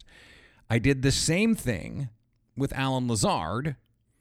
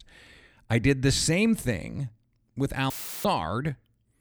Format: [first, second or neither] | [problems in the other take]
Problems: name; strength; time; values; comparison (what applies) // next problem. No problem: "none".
first | audio cutting out; filled with static; at 3 s